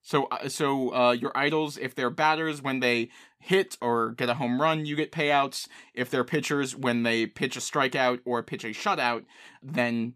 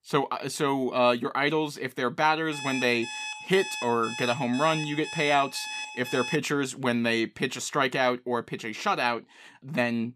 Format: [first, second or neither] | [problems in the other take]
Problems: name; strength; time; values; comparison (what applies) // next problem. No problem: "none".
first | alarm; noticeable; from 2.5 to 6.5 s; peak 7 dB below the speech